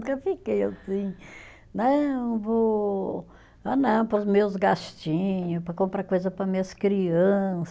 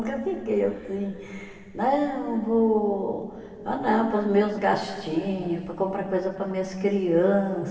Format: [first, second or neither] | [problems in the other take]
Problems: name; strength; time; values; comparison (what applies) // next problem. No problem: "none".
first | room echo; dies away in 2.7 s